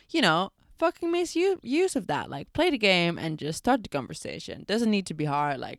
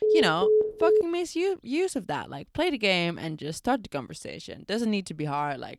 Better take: first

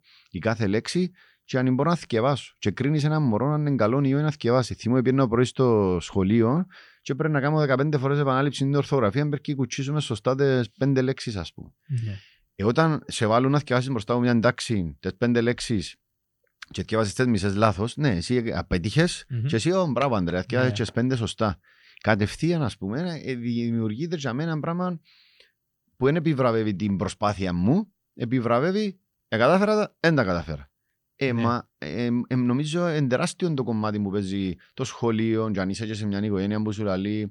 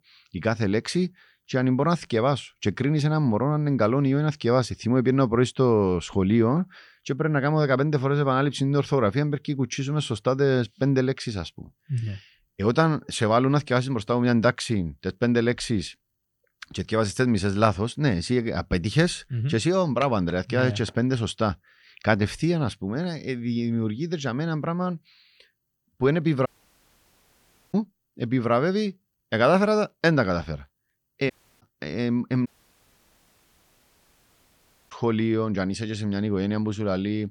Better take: first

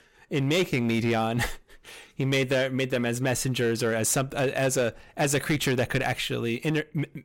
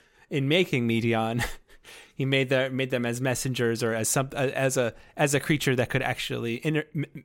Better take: second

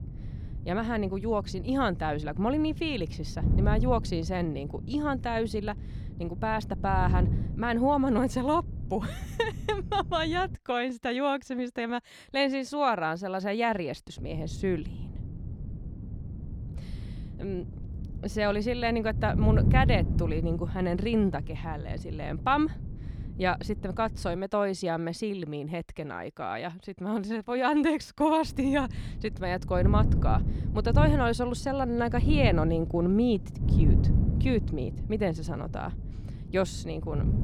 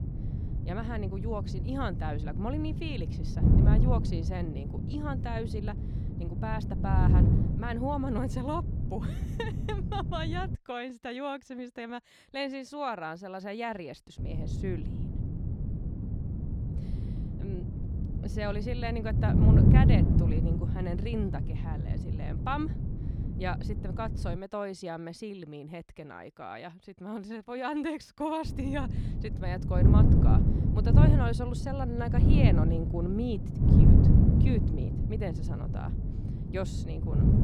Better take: first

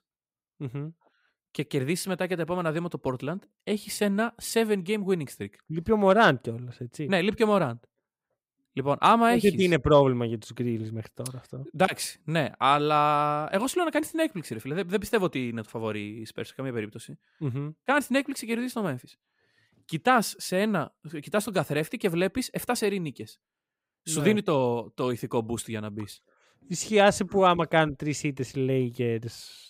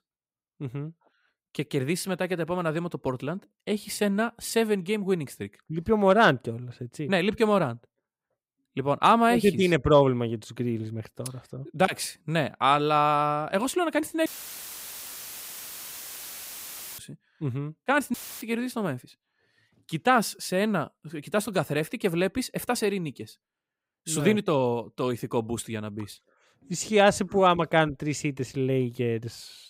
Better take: first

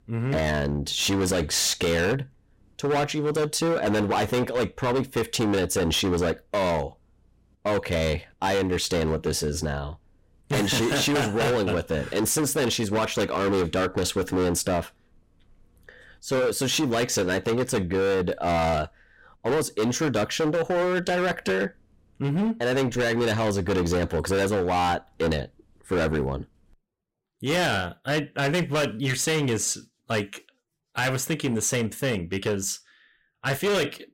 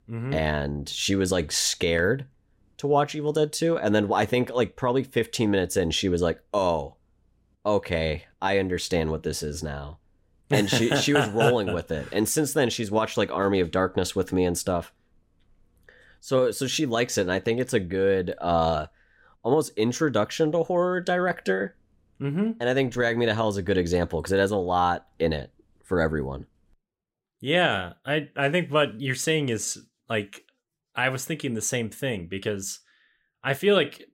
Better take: second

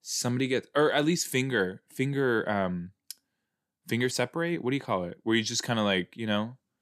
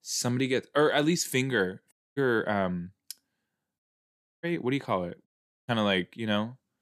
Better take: first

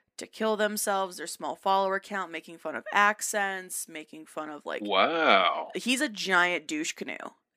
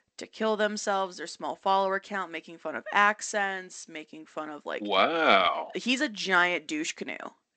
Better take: first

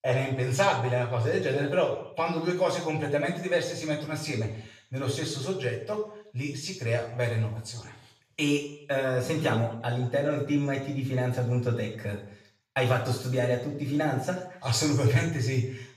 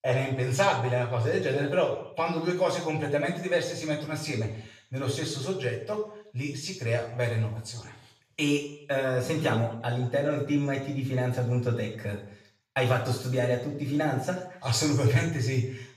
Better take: neither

